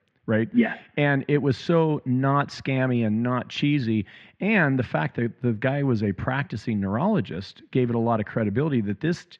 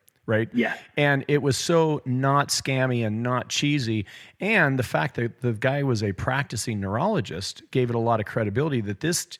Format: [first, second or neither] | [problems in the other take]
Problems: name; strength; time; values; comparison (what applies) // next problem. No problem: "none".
second | muffled; slightly; fading above 3.5 kHz